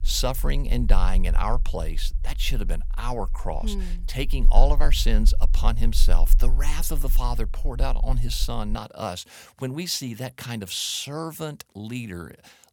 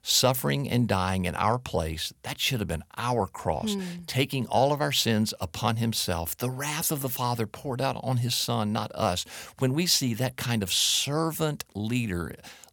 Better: second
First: low rumble; faint; until 9 s; 20 dB below the speech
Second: none

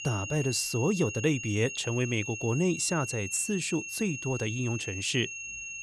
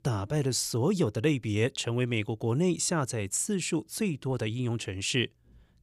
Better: second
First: high-pitched whine; loud; throughout; 2.5 kHz, 7 dB below the speech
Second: none

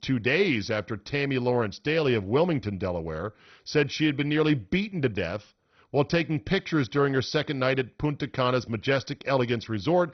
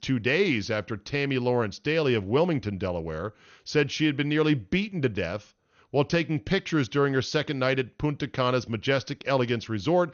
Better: second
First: garbled, watery; badly; nothing above 6 kHz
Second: garbled, watery; slightly; nothing above 6.5 kHz

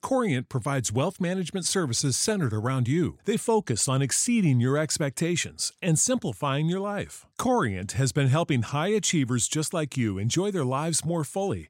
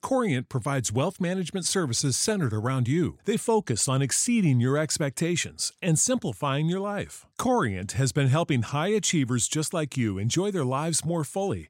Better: neither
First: none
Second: none

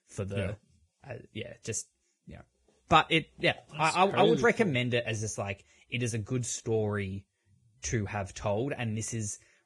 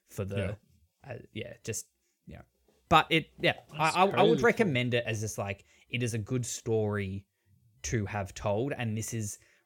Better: second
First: garbled, watery; badly; nothing above 10.5 kHz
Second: none

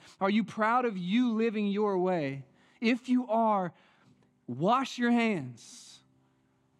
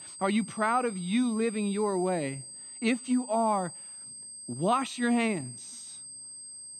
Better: first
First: none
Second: high-pitched whine; noticeable; throughout; 8.5 kHz, 10 dB below the speech

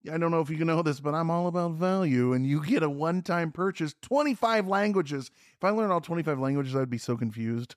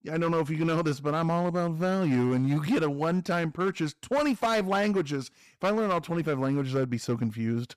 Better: first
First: none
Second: distortion; slight; 9% of the sound clipped

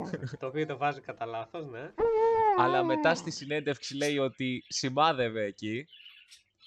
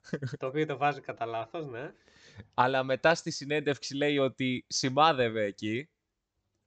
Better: second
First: animal sounds; very loud; throughout; 2 dB above the speech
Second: none

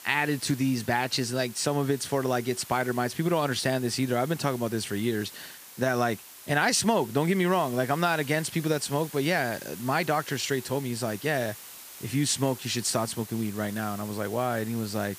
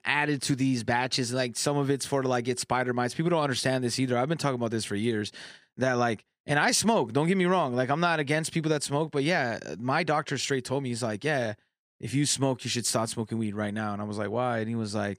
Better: second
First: hiss; noticeable; throughout; 15 dB below the speech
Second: none

